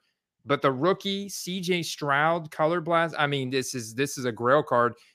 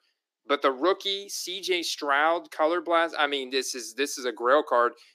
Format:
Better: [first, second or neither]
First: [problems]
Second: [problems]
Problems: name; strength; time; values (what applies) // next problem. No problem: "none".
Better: first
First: none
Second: thin; somewhat; fading below 300 Hz